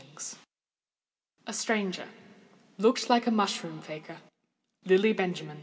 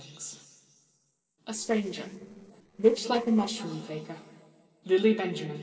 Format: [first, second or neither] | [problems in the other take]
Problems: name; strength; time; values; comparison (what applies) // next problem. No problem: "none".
first | noise reduction (neural separator model SepFormer DNS4)